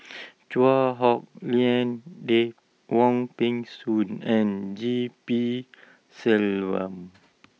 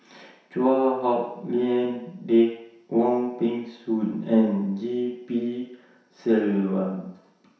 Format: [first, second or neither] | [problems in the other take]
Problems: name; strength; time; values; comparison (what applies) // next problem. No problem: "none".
first | room echo; dies away in 0.7 s